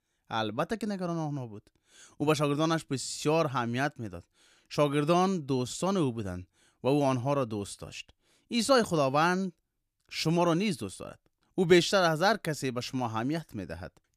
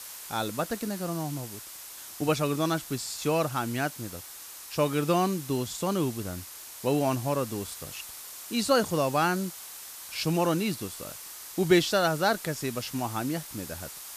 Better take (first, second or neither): first